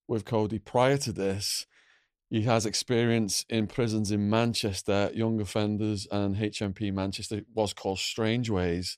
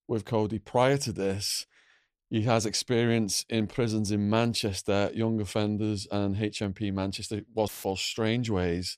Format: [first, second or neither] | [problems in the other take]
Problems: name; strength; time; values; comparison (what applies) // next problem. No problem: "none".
first | audio cutting out; filled with static; at 7.5 s